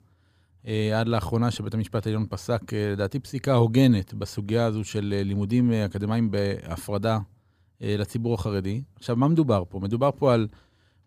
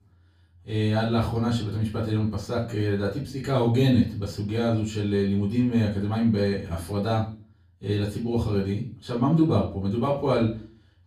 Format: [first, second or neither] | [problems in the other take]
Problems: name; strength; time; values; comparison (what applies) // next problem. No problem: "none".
first | room echo; slight; dies away in 0.4 s // off-mic speech; far